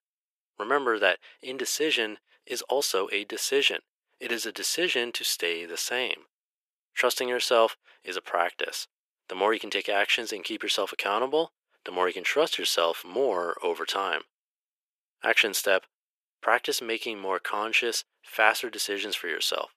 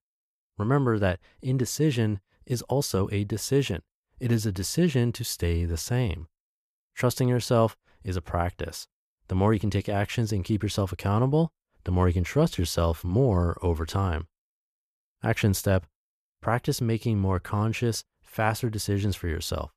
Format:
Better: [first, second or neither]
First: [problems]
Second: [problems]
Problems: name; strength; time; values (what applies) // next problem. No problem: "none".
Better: second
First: thin; very; fading below 400 Hz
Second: none